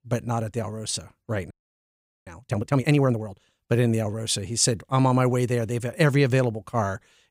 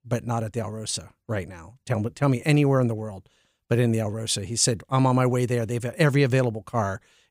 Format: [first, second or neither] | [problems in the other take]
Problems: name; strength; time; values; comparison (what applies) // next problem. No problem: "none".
second | audio freezing; at 1.5 s for 1 s